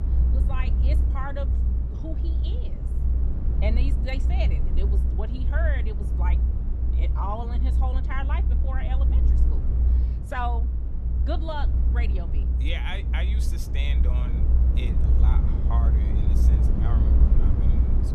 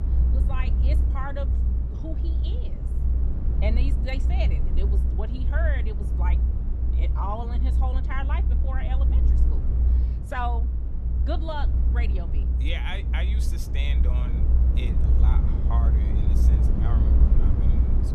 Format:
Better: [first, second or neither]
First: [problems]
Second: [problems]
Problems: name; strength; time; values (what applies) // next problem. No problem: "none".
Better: neither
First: low rumble; loud; throughout; 5 dB below the speech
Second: low rumble; loud; throughout; 5 dB below the speech